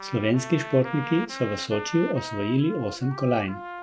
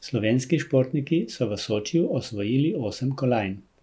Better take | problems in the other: second | background sound (Trumpet); 12 dB below the speech

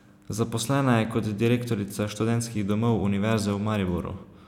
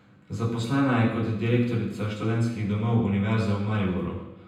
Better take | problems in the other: first | room echo; dies away in 0.9 s

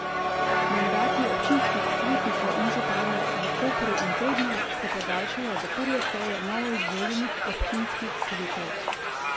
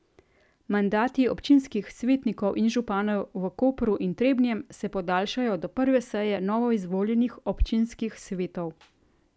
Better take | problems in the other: second | background sound (Crowd); 4 dB above the speech

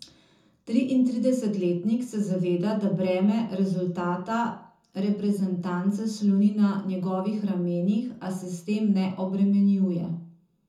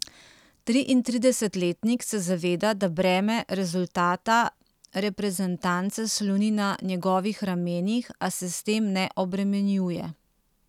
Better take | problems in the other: second | room echo; dies away in 0.5 s

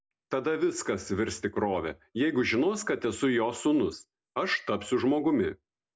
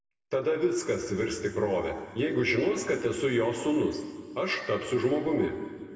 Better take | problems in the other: first | background sound (Plucked string instrument); 17 dB below the speech // room echo; dies away in 1.9 s

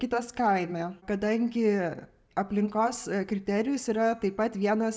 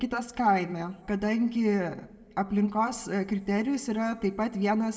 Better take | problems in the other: first | room echo; dies away in 1.6 s

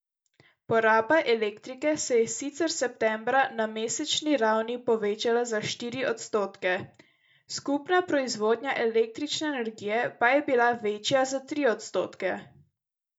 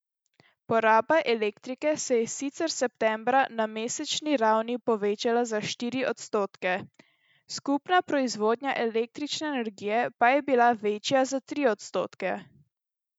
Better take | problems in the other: second | room echo; dies away in 0.2 s

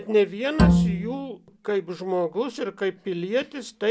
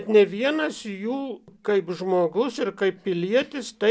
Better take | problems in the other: second | background sound (Bowed string instrument); 5 dB above the speech

